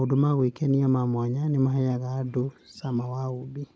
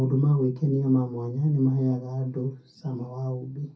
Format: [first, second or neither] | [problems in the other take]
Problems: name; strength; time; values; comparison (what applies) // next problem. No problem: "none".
first | room echo; dies away in 0.3 s